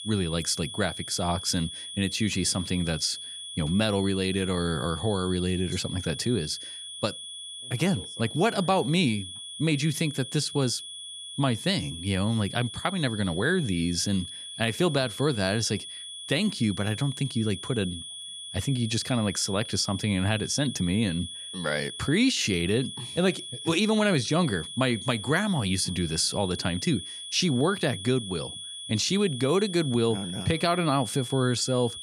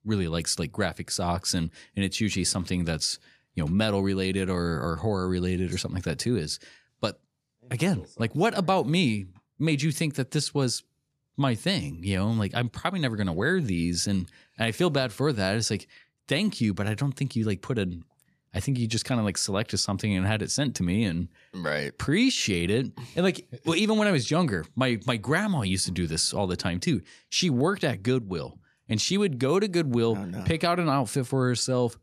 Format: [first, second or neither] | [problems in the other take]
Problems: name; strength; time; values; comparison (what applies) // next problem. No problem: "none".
second | high-pitched whine; loud; throughout; 3.5 kHz, 9 dB below the speech